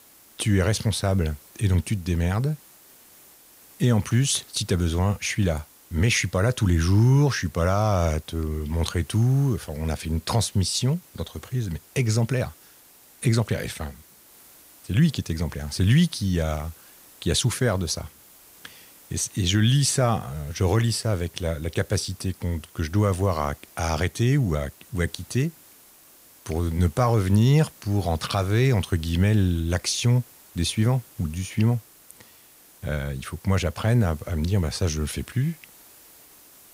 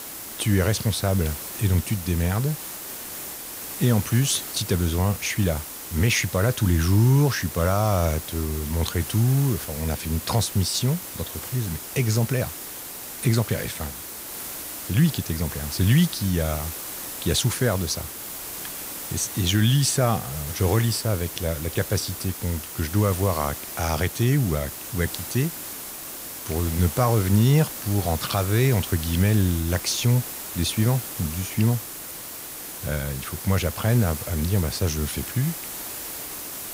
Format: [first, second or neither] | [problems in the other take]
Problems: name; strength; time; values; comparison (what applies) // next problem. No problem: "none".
first | hiss; loud; throughout; 8 dB below the speech; faint in the first